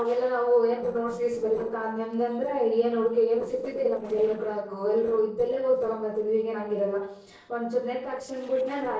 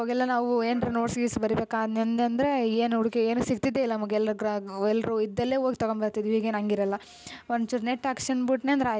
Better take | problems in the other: second | noise reduction (neural separator model SepFormer DNS4)

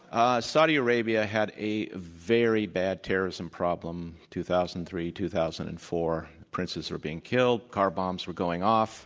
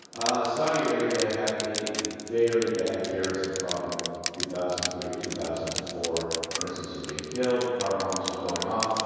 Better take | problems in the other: first | background sound (Crushing); 7 dB below the speech // room echo; dies away in 2.2 s

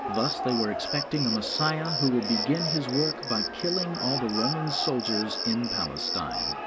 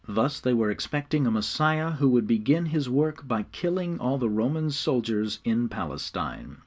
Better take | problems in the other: second | background sound (Cricket); 2 dB below the speech

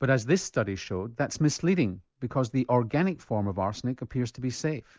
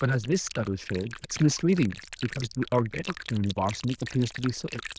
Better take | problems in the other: first | noise reduction (neural diffusion model UNIVERSE++)

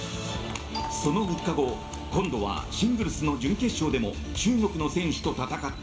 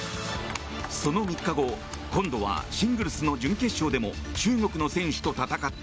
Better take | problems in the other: second | background sound (Doorbell); 12 dB below the speech // room echo; dies away in 2.7 s

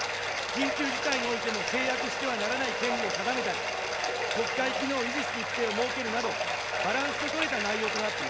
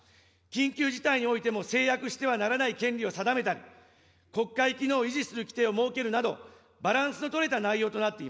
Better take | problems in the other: second | background sound (Bathtub (filling or washing)); 2 dB above the speech

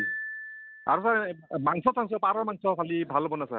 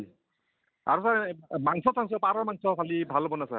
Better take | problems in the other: second | background sound (Piano); 13 dB below the speech

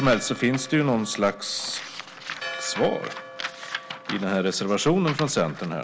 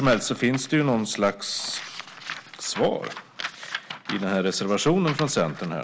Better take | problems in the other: second | background sound (Church bell); 16 dB below the speech

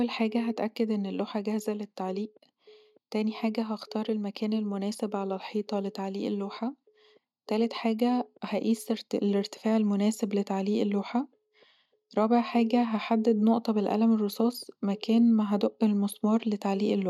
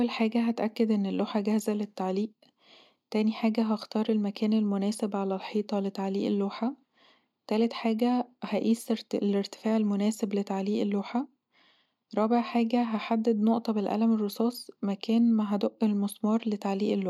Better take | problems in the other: second | noise reduction (neural mask model DeepFilterNet 3)

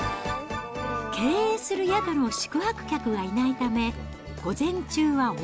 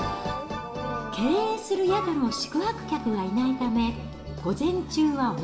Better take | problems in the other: first | room echo; dies away in 1.4 s

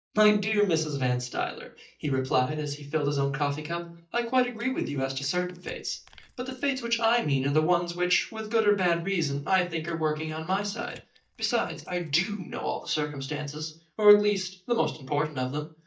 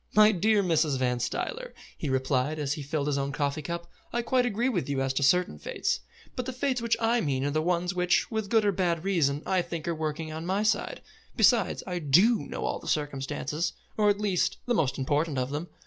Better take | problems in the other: second | noise reduction (neural mask model DeepFilterNet 3)

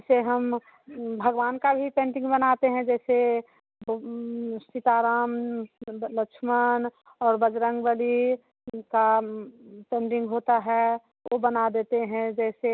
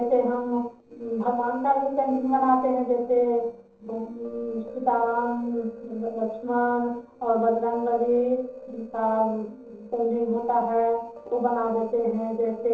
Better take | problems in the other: first | noise reduction (neural separator model SepFormer DNS4)

